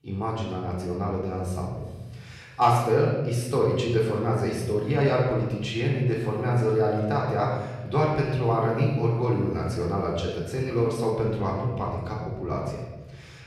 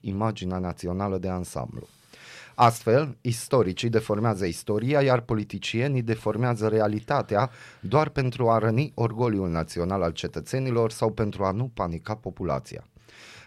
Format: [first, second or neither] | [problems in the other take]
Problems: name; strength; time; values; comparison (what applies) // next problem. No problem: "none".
second | off-mic speech; far // room echo; noticeable; dies away in 1.2 s